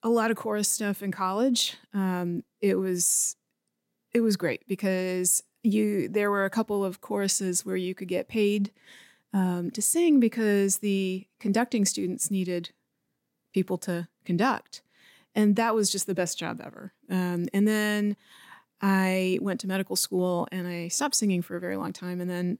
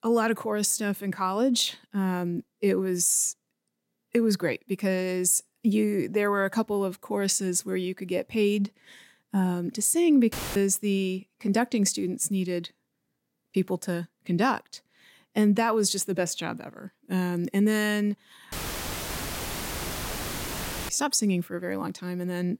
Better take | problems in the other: first | audio cutting out; filled with static; at 10 s and at 19 s for 2.5 s

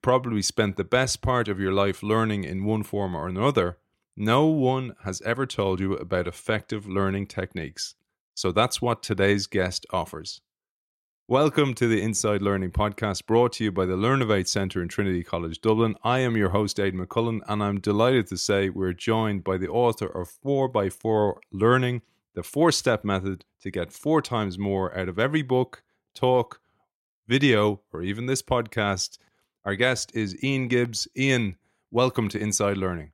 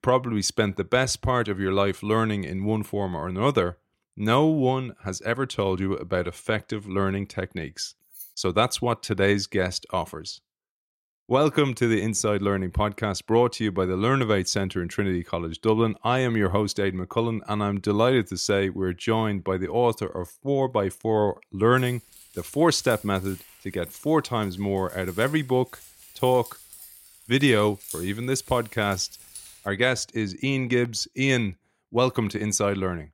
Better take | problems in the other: first | jangling keys; faint; at 8 s and from 22 to 30 s; peak 10 dB below the speech

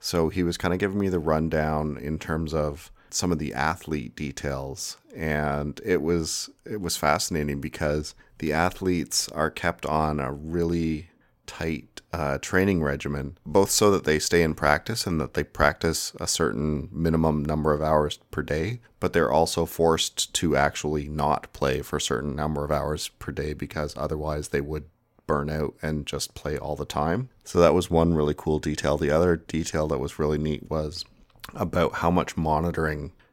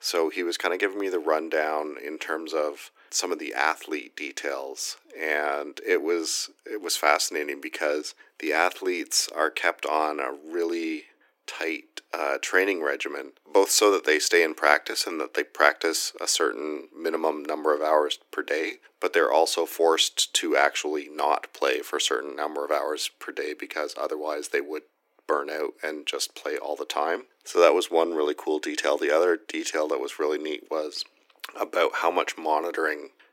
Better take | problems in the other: first | thin; very; fading below 300 Hz

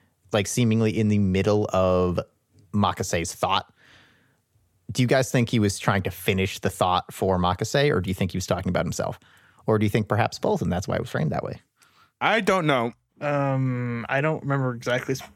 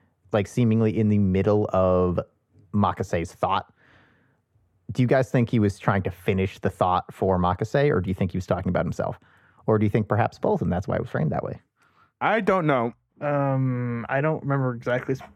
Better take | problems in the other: first | muffled; slightly; fading above 2.5 kHz

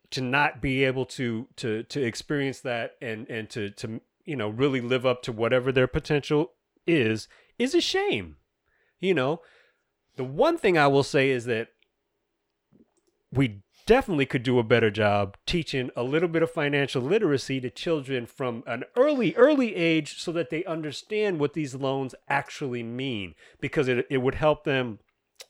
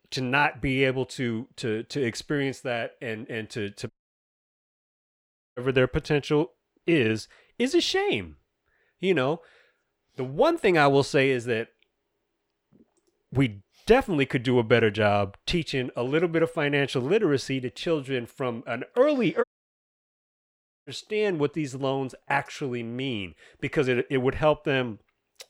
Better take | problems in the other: first | audio cutting out; at 4 s for 1.5 s and at 19 s for 1.5 s

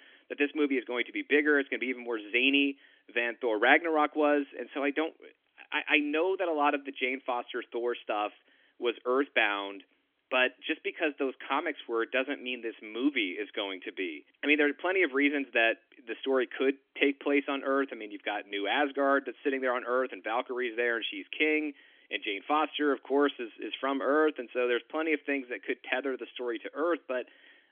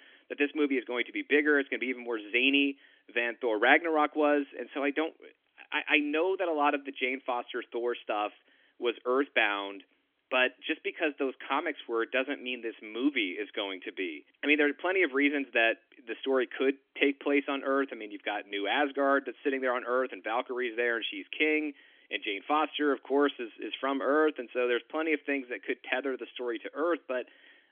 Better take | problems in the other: neither | phone-call audio; nothing above 3.5 kHz; the same in both

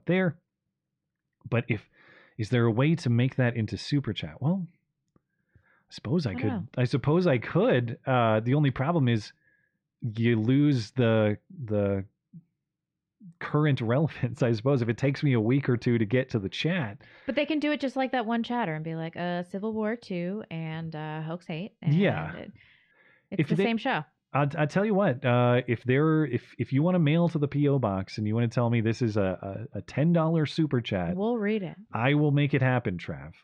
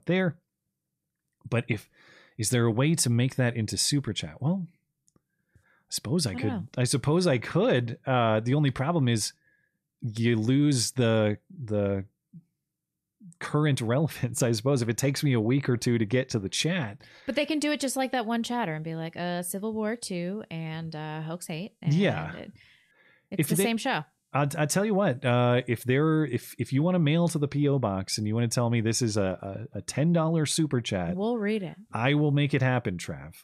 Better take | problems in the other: second | muffled; slightly; fading above 3 kHz

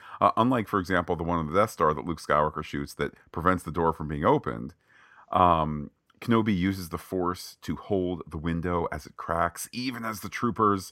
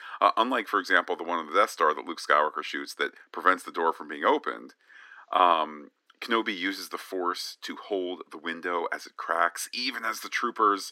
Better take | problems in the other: first | thin; somewhat; fading below 300 Hz

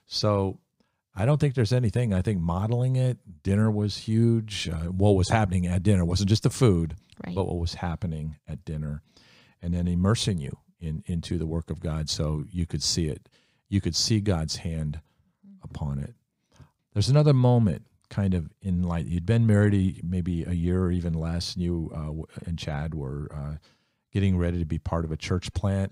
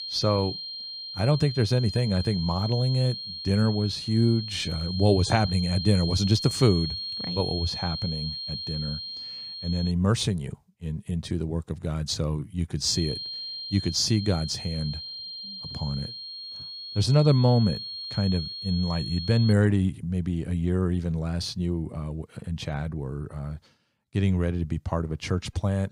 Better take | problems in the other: first | high-pitched whine; loud; until 10 s and from 13 to 20 s; 4 kHz, 7 dB below the speech

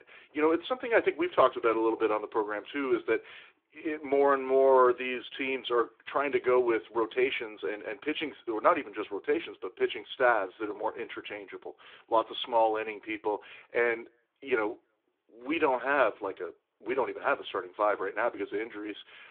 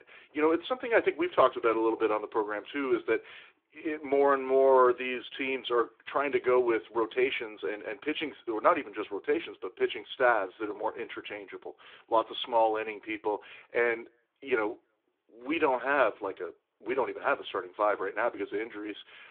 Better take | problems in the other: neither | phone-call audio; nothing above 3.5 kHz; the same in both

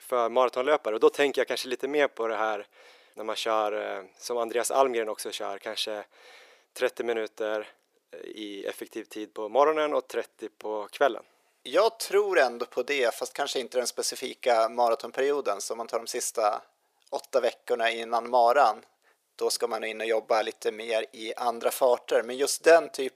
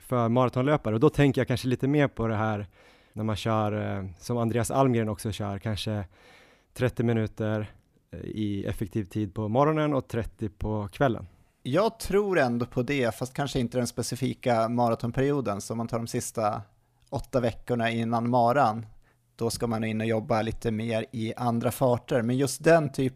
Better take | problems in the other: second | thin; very; fading below 400 Hz

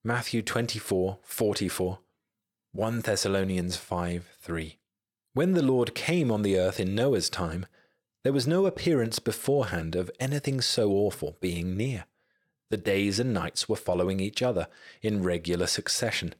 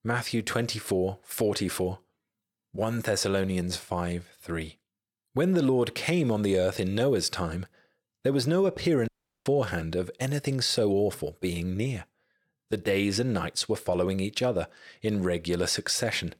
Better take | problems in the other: first | audio cutting out; at 9 s

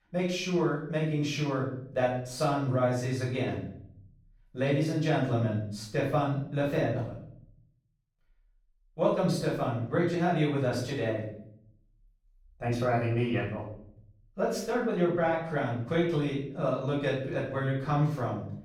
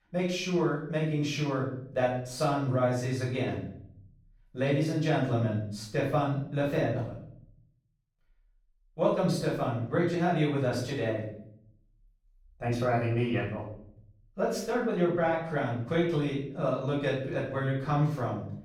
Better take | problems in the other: neither | room echo; noticeable; dies away in 0.6 s; the same in both // off-mic speech; far; the same in both

